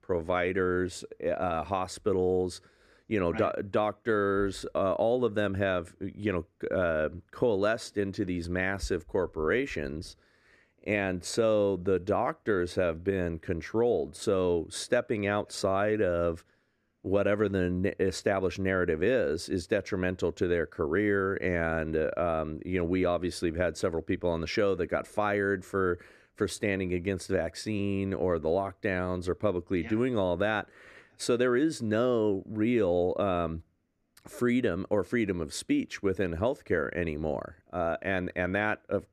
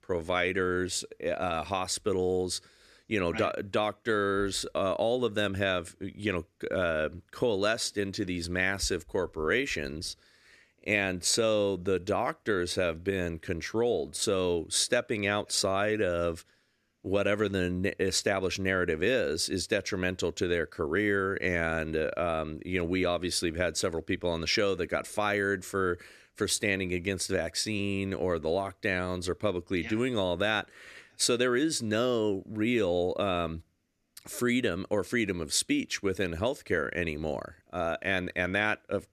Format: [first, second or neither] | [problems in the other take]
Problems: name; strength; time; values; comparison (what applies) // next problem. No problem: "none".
second | muffled; slightly; fading above 2 kHz